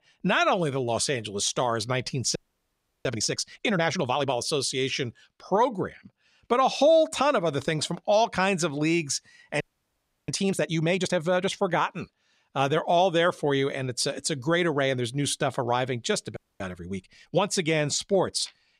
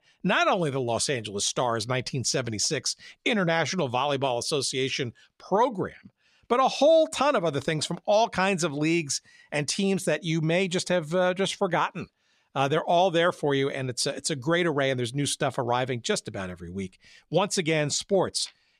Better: second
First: audio freezing; at 2.5 s for 0.5 s, at 9.5 s for 0.5 s and at 16 s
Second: none

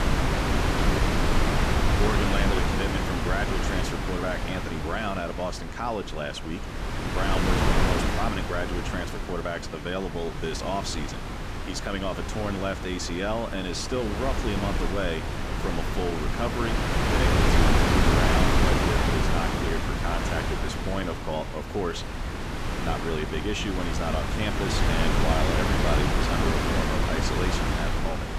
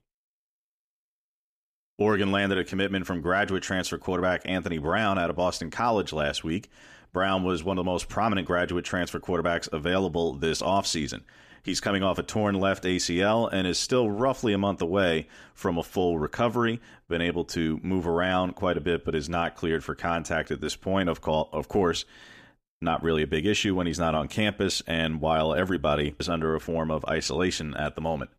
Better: second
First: wind noise on the microphone; heavy; 3 dB above the speech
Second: none

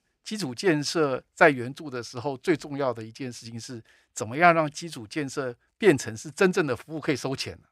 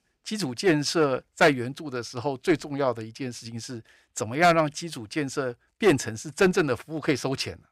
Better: first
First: none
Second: distortion; slight; 1.9% of the sound clipped

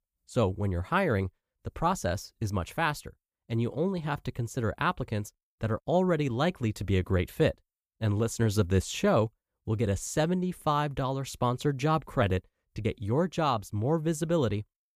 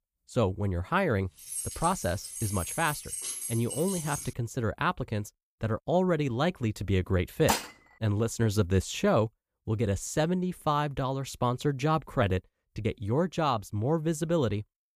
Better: first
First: none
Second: jangling keys; noticeable; from 1.5 to 4.5 s; peak 3 dB below the speech // clattering dishes; noticeable; at 7.5 s; peak level with the speech

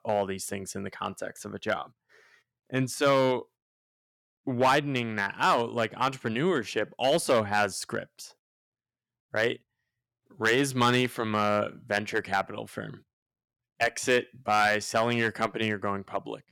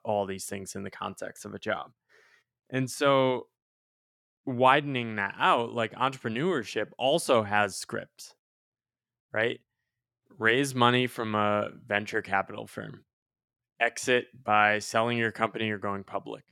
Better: second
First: distortion; slight; 2% of the sound clipped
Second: none

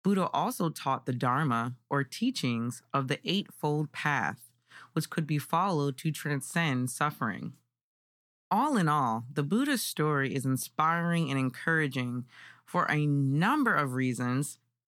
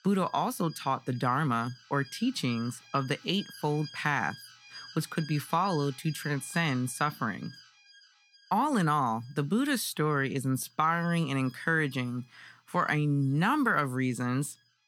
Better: first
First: none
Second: alarms or sirens; noticeable; throughout; 20 dB below the speech

